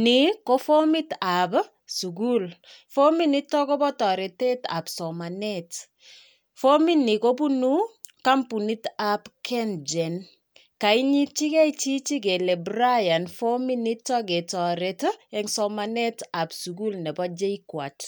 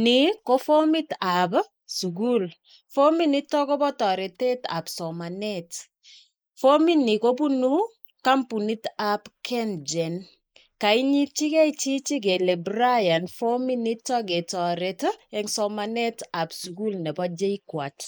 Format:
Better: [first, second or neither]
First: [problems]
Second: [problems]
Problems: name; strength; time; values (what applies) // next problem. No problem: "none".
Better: first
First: none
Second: noise reduction (neural mask model Resemble Enhance denoiser)